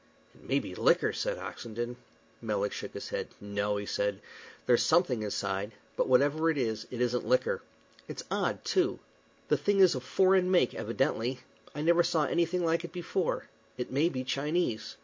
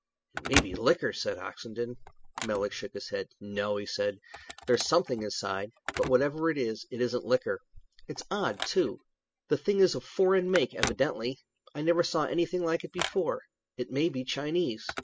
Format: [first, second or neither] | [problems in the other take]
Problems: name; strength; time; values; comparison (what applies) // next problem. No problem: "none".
first | noise reduction (classical method spectral subtraction)